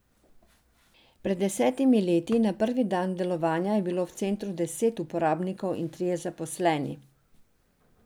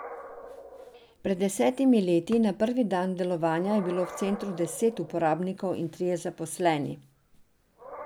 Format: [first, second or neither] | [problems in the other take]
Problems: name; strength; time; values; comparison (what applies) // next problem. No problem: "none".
first | background sound (Animal); 18 dB below the speech